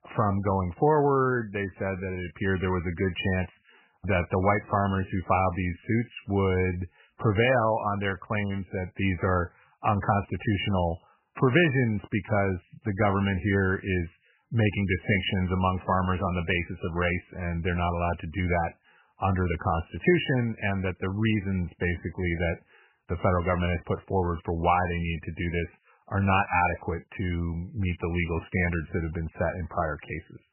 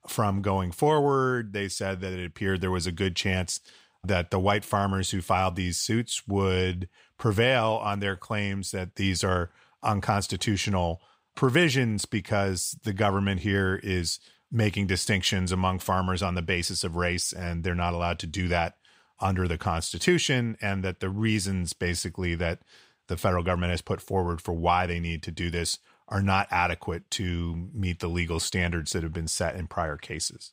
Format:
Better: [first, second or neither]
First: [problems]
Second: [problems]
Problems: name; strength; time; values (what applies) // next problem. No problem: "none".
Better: second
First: garbled, watery; badly; nothing above 3 kHz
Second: none